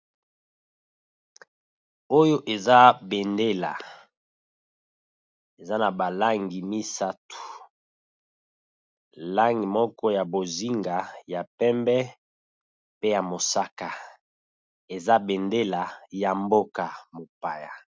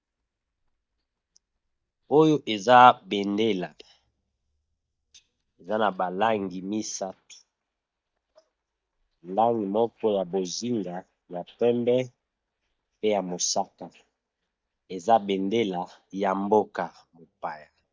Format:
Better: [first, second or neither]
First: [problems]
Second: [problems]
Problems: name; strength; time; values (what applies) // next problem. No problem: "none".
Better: first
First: none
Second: noise reduction (neural mask model DeepFilterNet 3)